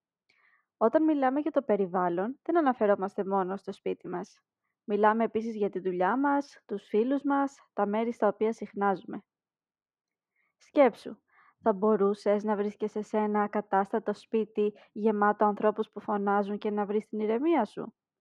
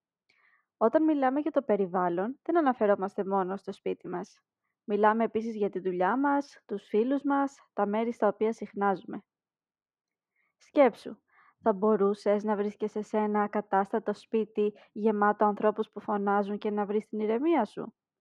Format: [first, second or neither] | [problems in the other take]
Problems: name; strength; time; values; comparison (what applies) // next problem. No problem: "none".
neither | muffled; very; fading above 3.5 kHz; the same in both